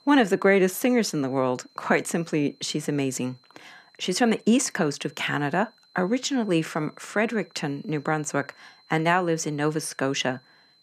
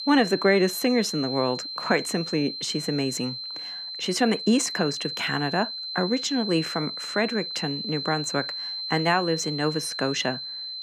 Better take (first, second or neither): first